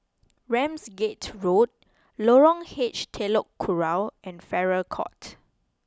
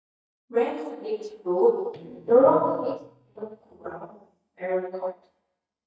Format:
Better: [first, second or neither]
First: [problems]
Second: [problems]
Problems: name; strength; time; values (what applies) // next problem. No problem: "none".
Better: first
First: none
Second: noise reduction (neural mask model DeepFilterNet 3)